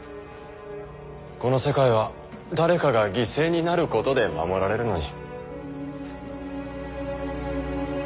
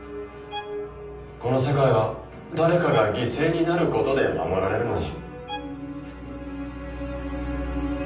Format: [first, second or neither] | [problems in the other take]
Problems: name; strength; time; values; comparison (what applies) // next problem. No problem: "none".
first | background sound (Bowed string instrument); 18 dB below the speech // room echo; dies away in 0.6 s